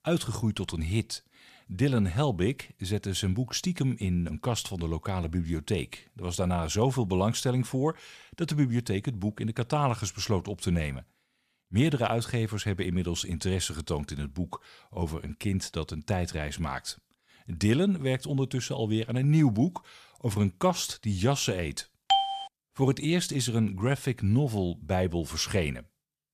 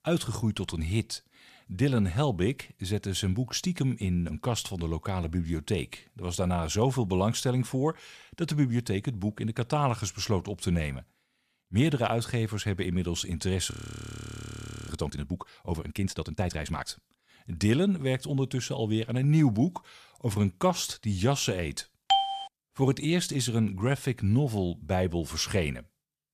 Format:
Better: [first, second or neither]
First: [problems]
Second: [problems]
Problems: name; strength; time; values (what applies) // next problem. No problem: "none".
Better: first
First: none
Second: audio freezing; at 14 s for 1 s